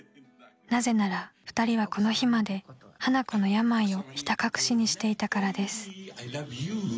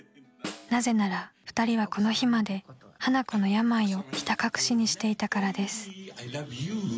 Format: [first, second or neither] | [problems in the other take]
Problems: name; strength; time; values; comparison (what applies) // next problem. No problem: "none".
first | background sound (Snare drum); 19 dB below the speech